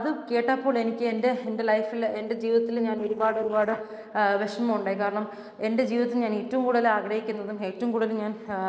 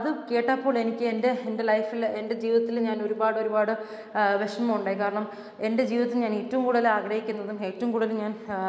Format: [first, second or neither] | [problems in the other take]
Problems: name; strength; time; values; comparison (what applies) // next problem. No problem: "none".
second | noise reduction (neural separator model SepFormer DNS4)